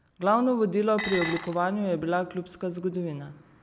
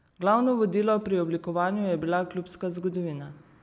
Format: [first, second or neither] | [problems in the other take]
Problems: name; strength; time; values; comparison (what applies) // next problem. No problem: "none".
second | background sound (Dishes, pots, and pans); 8 dB below the speech